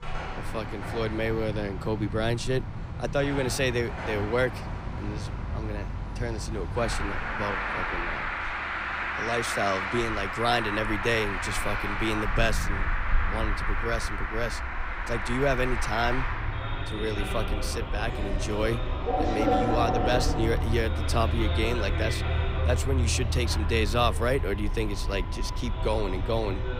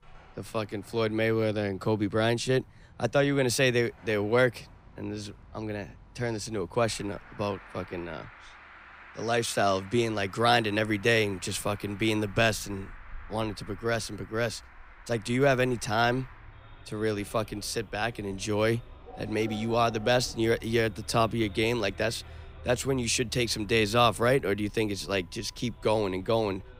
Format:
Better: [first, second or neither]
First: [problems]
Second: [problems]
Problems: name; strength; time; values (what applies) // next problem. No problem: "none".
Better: second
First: traffic noise; loud; throughout; 1 dB below the speech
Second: traffic noise; faint; throughout; 20 dB below the speech